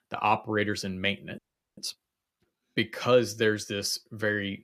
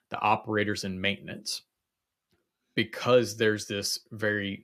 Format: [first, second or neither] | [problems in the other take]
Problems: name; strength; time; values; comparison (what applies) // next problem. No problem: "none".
second | audio freezing; at 1.5 s